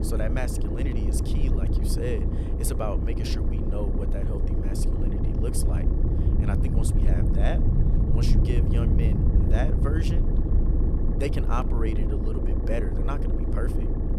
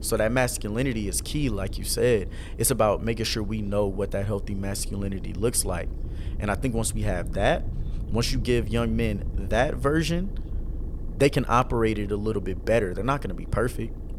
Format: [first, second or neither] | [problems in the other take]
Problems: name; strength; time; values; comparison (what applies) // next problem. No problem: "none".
second | low rumble; loud; throughout; 1 dB below the speech; faint in the second